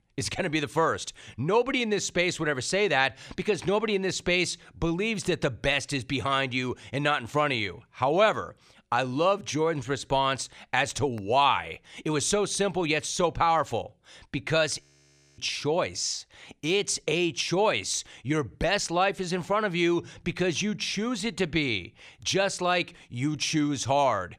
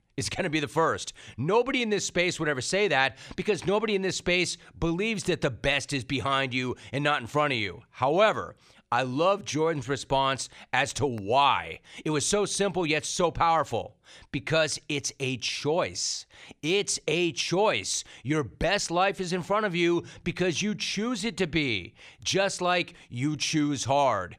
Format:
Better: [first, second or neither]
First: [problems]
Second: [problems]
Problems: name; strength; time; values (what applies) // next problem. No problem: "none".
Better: second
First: audio freezing; at 15 s for 0.5 s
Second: none